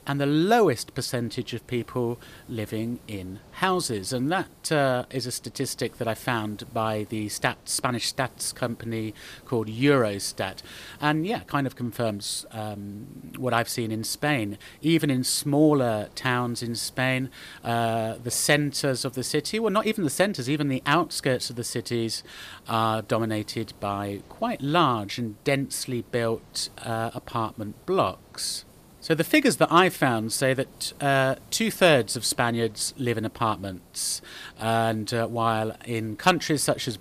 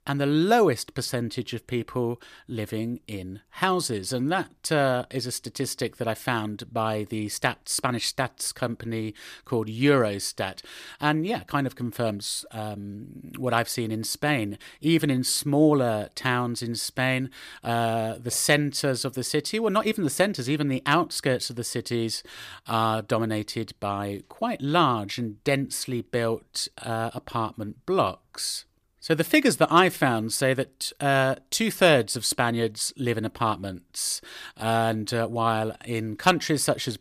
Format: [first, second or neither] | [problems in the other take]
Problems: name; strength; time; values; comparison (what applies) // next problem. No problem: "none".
second | hiss; faint; throughout; 25 dB below the speech